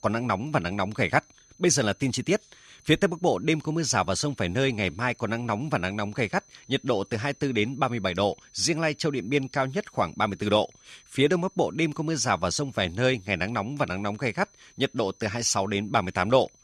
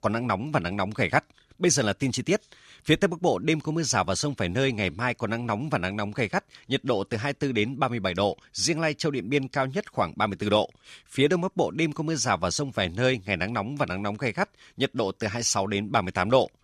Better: second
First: high-pitched whine; faint; throughout; 6 kHz, 30 dB below the speech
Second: none

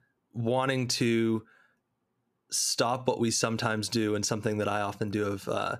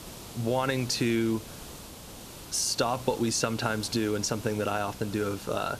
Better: first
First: none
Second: hiss; noticeable; throughout; 15 dB below the speech

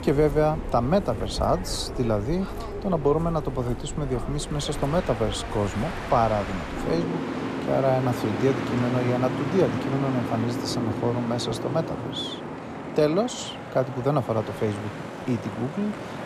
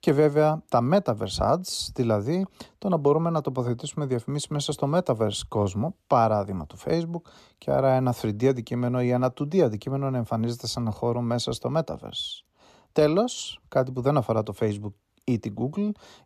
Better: second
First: train or aircraft noise; loud; throughout; 6 dB below the speech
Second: none

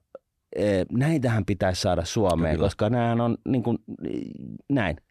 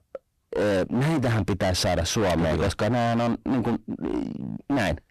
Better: first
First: none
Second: distortion; heavy; 29% of the sound clipped

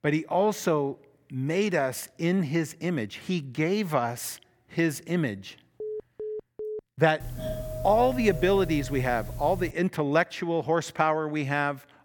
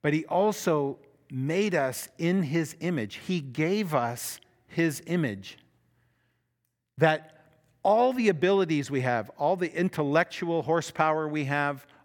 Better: second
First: phone ringing; faint; from 6 to 7 s; peak 10 dB below the speech // doorbell; noticeable; from 7 to 9.5 s; peak 7 dB below the speech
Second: none

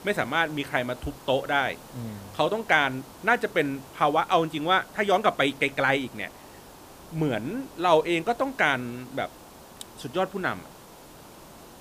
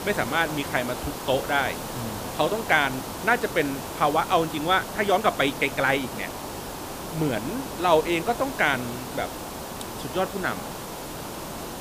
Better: first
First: hiss; faint; throughout; 20 dB below the speech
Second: hiss; loud; throughout; 9 dB below the speech

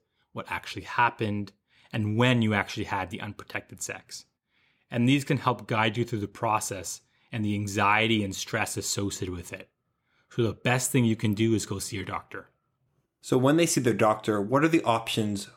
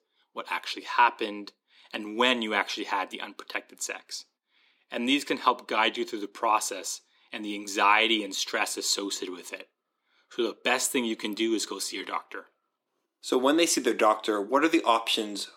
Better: first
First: none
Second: thin; somewhat; fading below 250 Hz

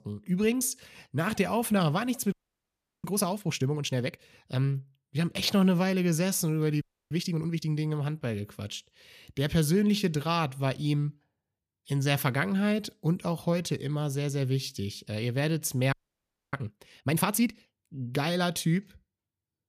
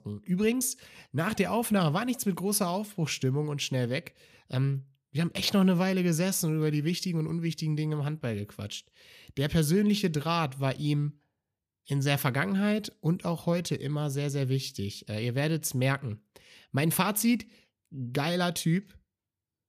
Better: second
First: audio freezing; at 2.5 s for 0.5 s, at 7 s and at 16 s for 0.5 s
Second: none

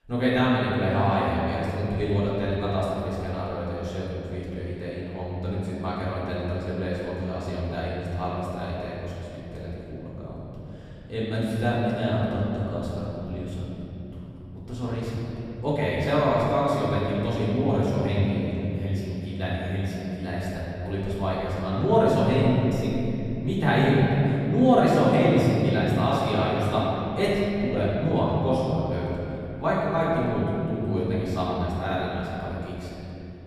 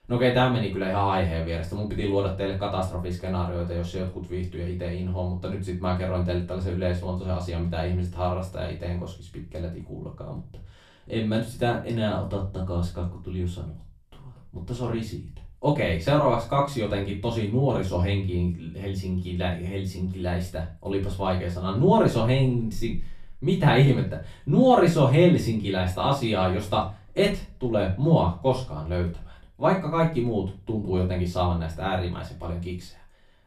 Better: second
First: room echo; strong; dies away in 3 s // off-mic speech; far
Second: room echo; slight; dies away in 0.3 s // off-mic speech; far

